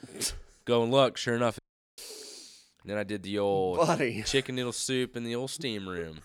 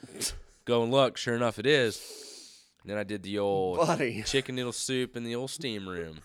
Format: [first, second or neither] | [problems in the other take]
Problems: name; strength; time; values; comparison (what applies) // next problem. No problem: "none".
second | audio cutting out; at 1.5 s